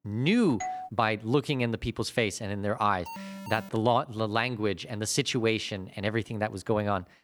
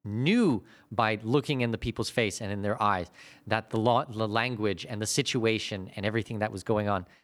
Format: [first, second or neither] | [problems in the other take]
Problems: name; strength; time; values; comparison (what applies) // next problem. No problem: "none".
second | doorbell; noticeable; at 0.5 s; peak 7 dB below the speech // alarm; faint; at 3 s; peak 10 dB below the speech